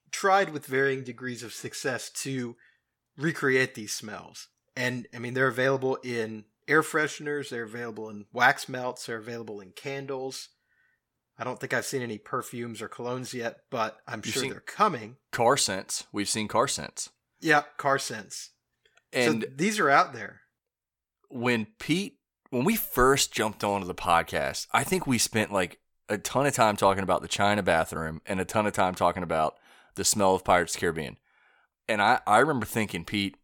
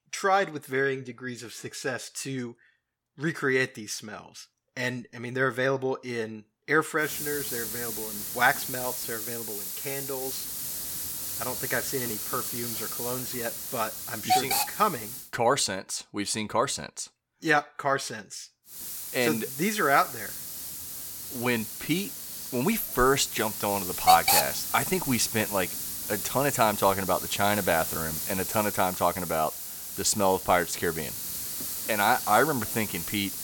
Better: first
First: none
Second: hiss; loud; from 7 to 15 s and from 19 s on; 2 dB below the speech

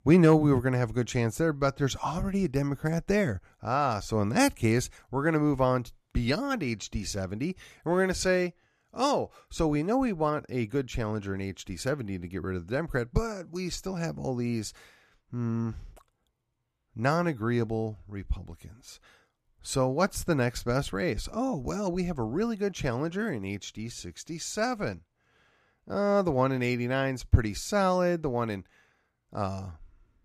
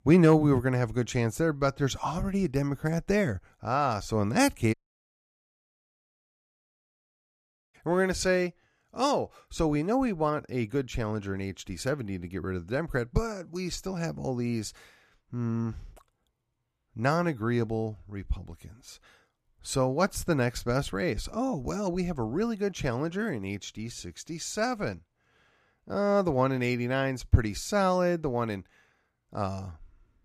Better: first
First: none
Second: audio cutting out; at 4.5 s for 3 s

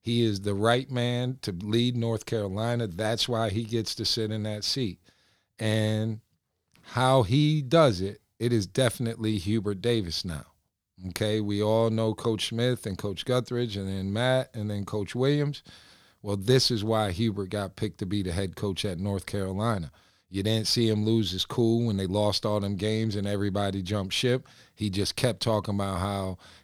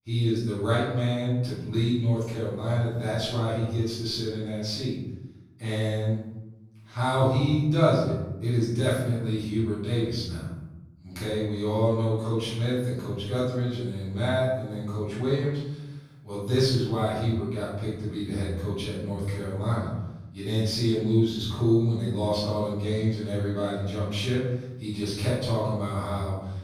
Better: first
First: none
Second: off-mic speech; far // room echo; strong; dies away in 1 s

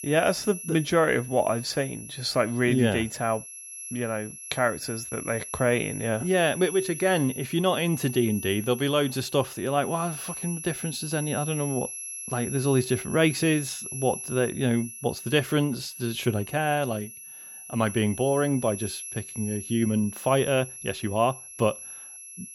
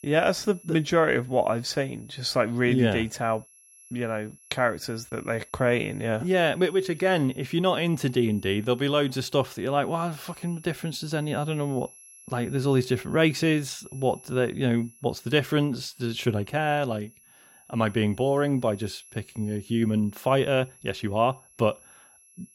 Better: second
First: high-pitched whine; loud; throughout; 11 kHz, 10 dB below the speech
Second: high-pitched whine; faint; throughout; 11 kHz, 25 dB below the speech

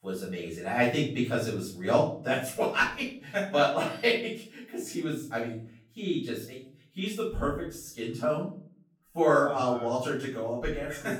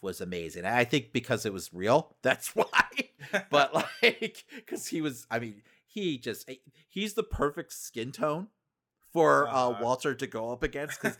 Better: second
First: off-mic speech; far // room echo; noticeable; dies away in 0.5 s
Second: none

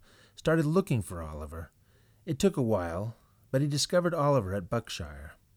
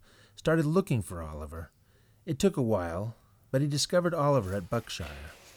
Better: first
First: none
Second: household noises; faint; throughout; 20 dB below the speech

